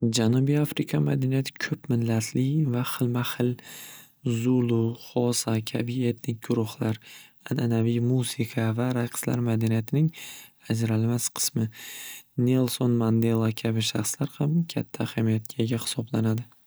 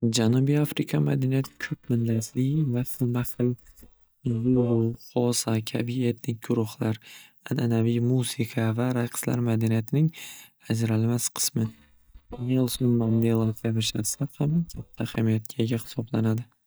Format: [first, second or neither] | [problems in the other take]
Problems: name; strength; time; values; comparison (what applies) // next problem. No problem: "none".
first | noise reduction (neural mask model DeepFilterNet 3)